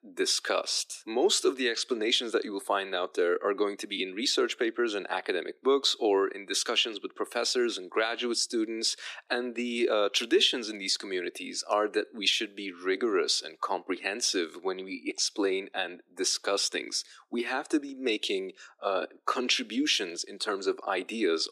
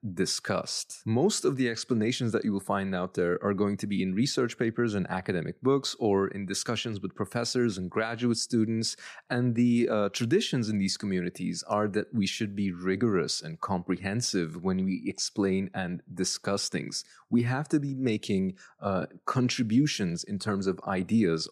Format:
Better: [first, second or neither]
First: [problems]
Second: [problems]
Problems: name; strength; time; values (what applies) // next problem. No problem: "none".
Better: second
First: thin; somewhat; fading below 300 Hz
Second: none